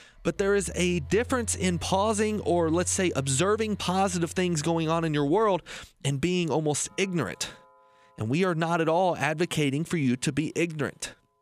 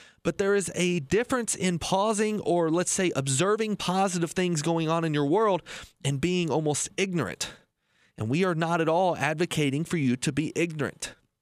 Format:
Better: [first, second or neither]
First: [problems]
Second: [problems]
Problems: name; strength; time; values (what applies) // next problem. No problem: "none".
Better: second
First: alarms or sirens; noticeable; throughout; 20 dB below the speech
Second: none